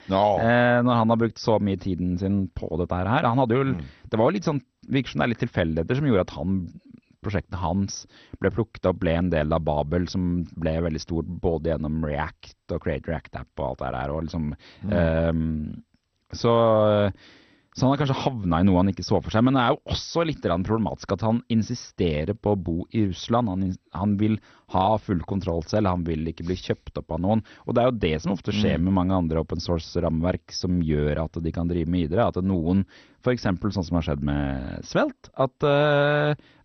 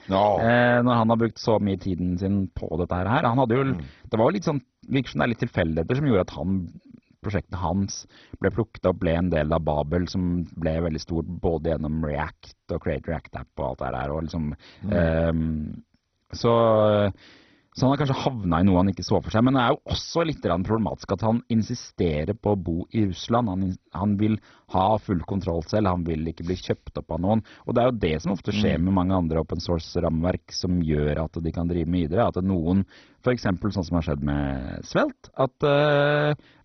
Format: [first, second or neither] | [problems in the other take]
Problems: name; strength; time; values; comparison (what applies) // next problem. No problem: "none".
first | garbled, watery; badly; nothing above 6 kHz; slightly in the first